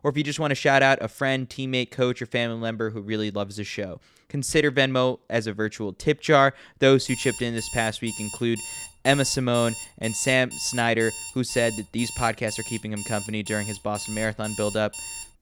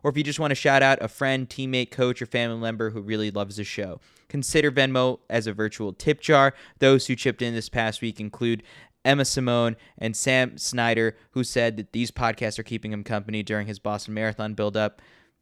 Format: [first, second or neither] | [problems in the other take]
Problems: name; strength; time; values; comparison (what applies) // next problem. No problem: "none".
second | alarm; noticeable; from 7 s on; peak 9 dB below the speech